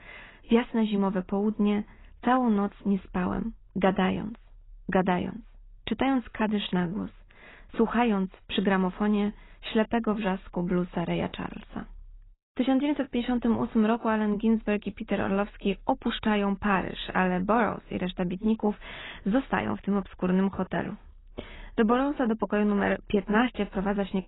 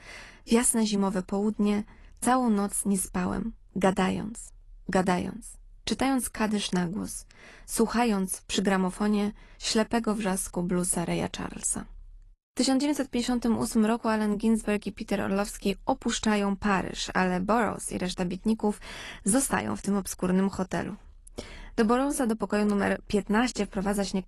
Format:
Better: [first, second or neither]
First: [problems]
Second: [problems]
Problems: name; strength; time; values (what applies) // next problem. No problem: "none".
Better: second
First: garbled, watery; badly; nothing above 4 kHz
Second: garbled, watery; slightly; nothing above 11.5 kHz